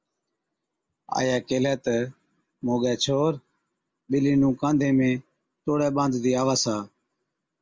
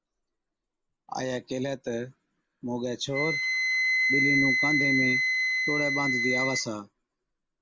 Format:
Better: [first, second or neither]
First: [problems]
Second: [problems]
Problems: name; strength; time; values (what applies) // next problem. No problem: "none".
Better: first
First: none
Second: background sound (Wind instrument, woodwind instrument); 3 dB above the speech